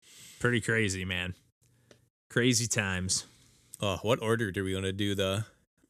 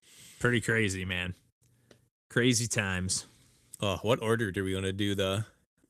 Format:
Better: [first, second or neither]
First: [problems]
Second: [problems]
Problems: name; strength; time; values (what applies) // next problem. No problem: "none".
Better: first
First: none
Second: garbled, watery; slightly; nothing above 14 kHz